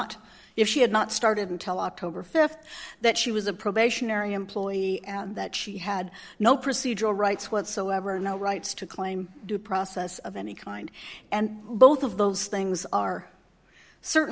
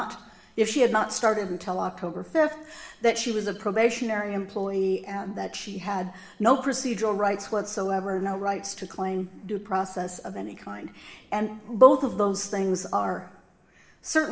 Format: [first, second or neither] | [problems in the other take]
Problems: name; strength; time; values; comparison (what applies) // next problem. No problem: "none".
first | room echo; dies away in 0.8 s